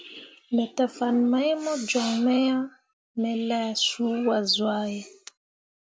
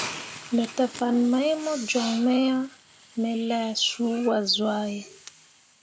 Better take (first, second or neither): first